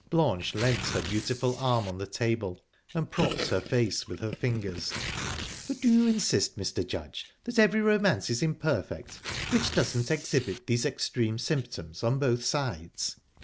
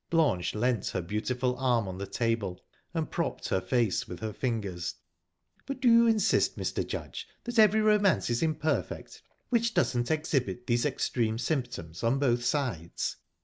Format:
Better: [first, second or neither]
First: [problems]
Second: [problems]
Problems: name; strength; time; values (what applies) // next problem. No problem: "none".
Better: second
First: background sound (Gurgling + Tearing); 12 dB below the speech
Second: none